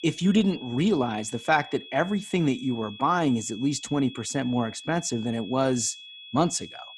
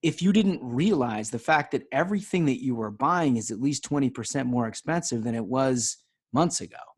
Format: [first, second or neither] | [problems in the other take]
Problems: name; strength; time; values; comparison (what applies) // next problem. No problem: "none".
second | high-pitched whine; noticeable; throughout; 3.5 kHz, 15 dB below the speech